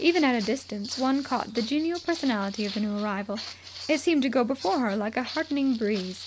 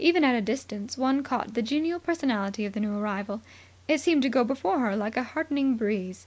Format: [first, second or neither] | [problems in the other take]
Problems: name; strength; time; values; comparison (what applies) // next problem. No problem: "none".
second | background sound (Walk, footsteps); 15 dB below the speech